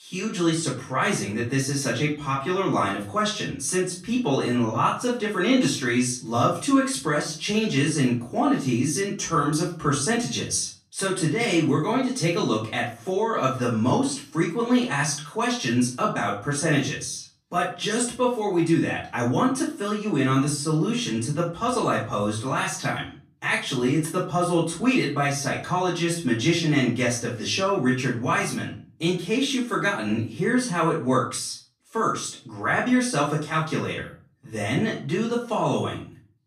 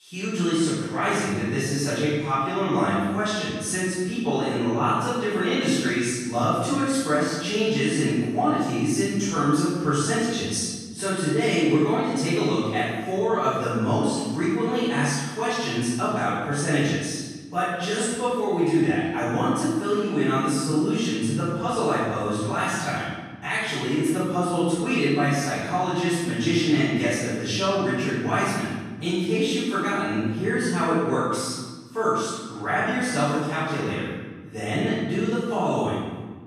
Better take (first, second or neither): first